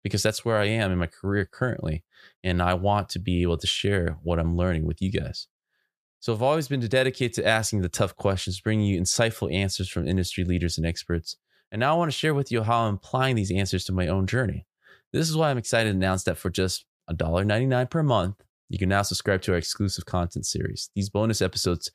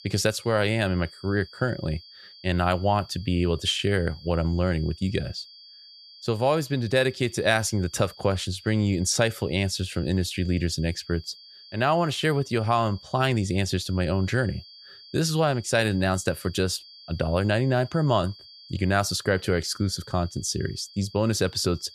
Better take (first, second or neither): first